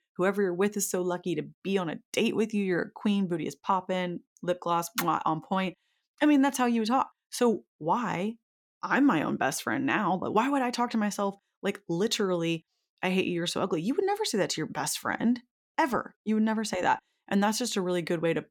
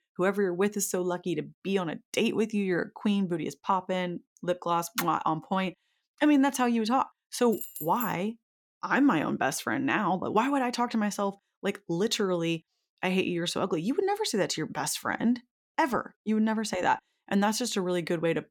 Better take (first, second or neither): first